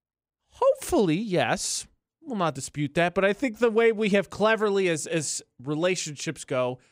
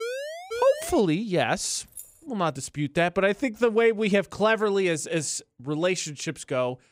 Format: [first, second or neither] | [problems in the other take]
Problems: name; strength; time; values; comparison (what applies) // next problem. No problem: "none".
first | siren; noticeable; until 1 s; peak 7 dB below the speech // jangling keys; faint; at 2 s; peak 15 dB below the speech